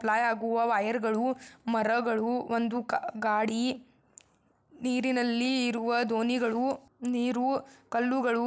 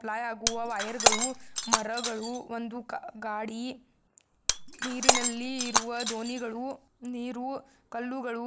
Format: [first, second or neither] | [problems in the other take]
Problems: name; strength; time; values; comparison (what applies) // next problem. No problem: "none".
first | background sound (Shatter); 4 dB above the speech